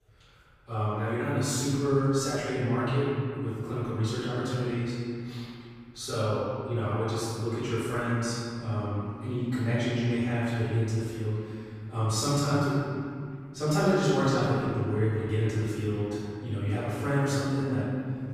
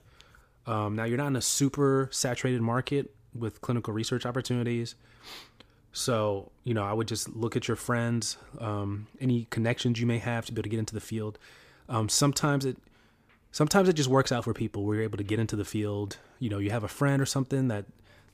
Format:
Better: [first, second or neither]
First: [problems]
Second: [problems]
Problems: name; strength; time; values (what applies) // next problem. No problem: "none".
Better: second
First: off-mic speech; far // room echo; strong; dies away in 2.3 s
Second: none